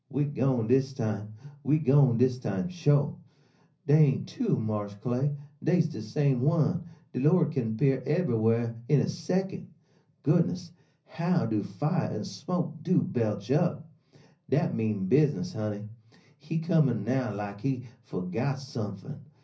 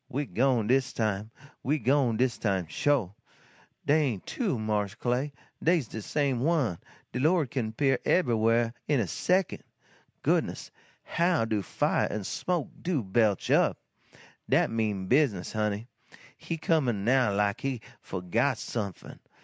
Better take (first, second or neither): second